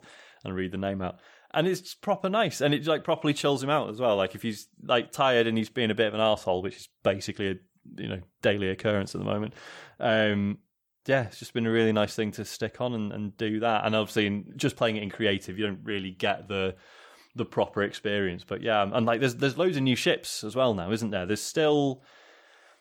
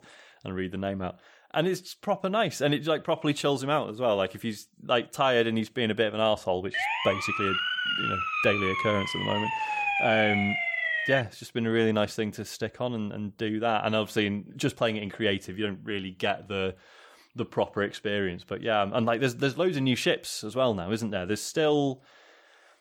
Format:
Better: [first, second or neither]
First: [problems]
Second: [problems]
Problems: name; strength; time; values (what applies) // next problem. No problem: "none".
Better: first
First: none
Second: siren; loud; from 6.5 to 11 s; peak 3 dB above the speech